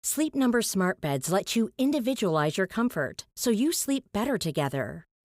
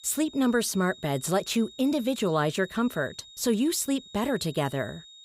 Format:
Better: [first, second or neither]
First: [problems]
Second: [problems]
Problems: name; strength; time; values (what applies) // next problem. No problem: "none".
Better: first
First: none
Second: high-pitched whine; noticeable; throughout; 3.5 kHz, 20 dB below the speech